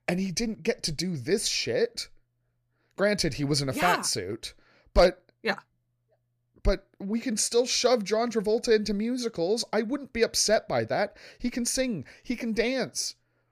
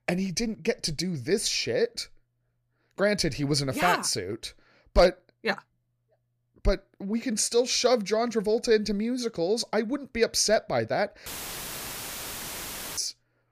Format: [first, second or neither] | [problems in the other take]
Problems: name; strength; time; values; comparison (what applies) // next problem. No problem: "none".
first | audio cutting out; filled with static; at 11 s for 1.5 s